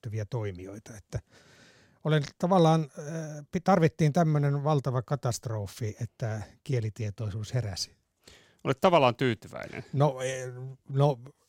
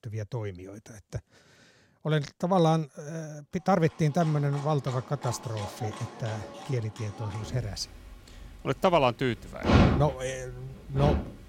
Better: first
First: none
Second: animal sounds; loud; from 4 s on; 2 dB below the speech

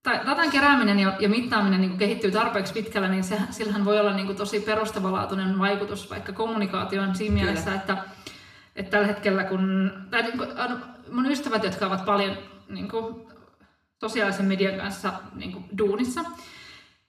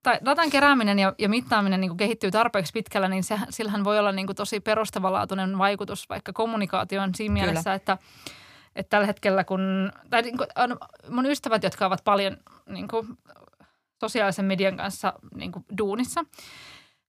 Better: second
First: room echo; slight; dies away in 0.7 s // off-mic speech; far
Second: none

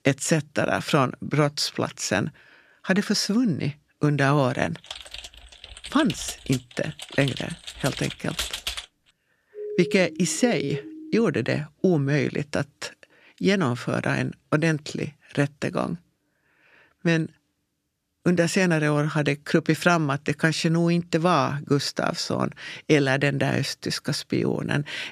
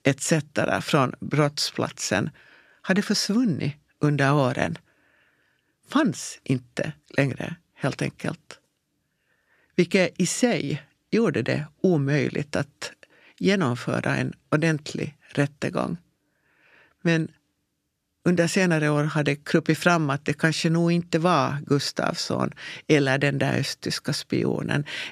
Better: second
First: keyboard typing; noticeable; from 5 to 9 s; peak 4 dB below the speech // siren; noticeable; from 9.5 to 11 s; peak 9 dB below the speech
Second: none

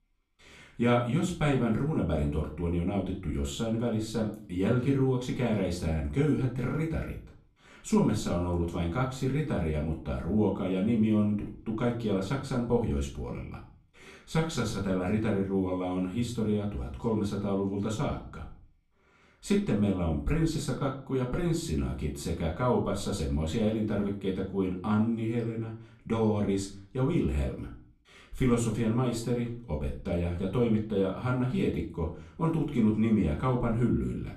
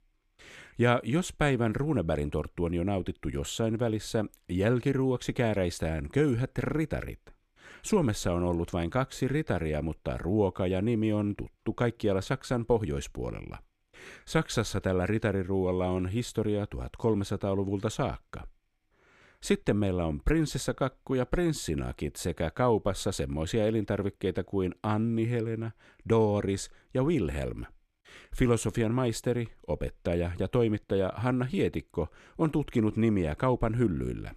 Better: second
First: off-mic speech; far // room echo; slight; dies away in 0.4 s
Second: none

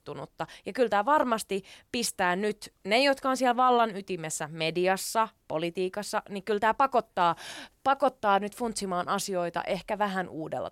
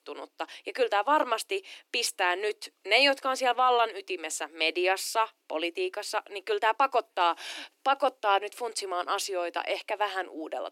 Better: first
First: none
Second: thin; somewhat; fading below 300 Hz

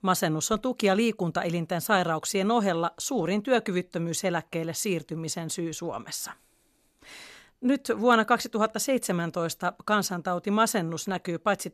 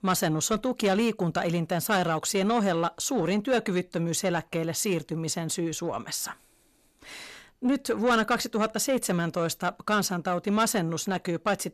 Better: first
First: none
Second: distortion; slight; 10 dB below the speech

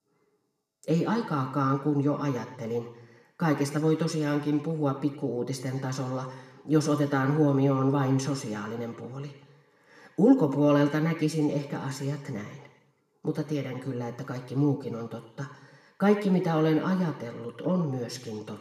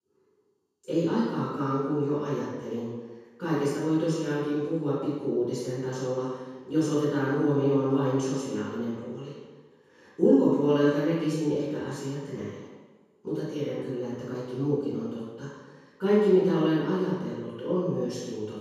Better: first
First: room echo; slight; dies away in 0.8 s // off-mic speech; somewhat distant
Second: room echo; strong; dies away in 1.2 s // off-mic speech; far

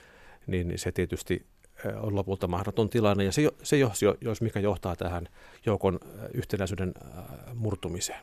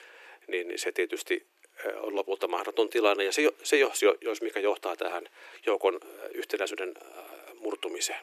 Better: first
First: none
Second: thin; very; fading below 300 Hz

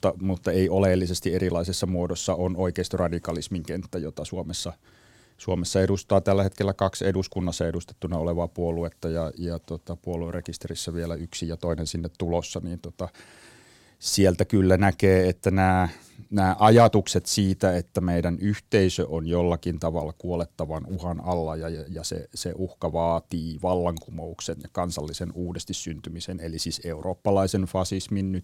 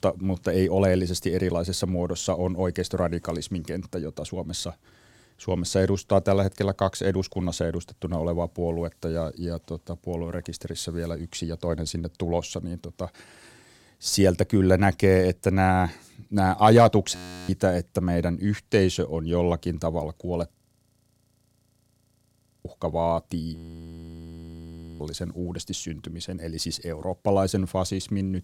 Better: first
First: none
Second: audio freezing; at 17 s, at 21 s for 2 s and at 24 s for 1.5 s

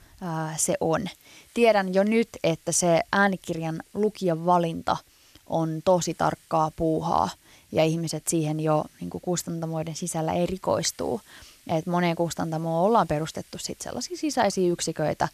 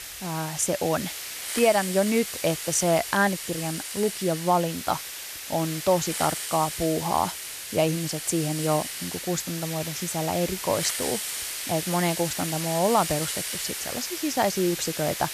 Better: first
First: hiss; faint; throughout; 30 dB below the speech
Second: hiss; loud; throughout; 5 dB below the speech

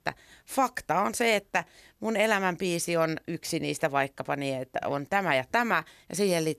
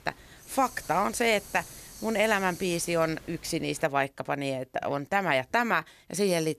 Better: first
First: none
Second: hiss; noticeable; until 4 s; 15 dB below the speech

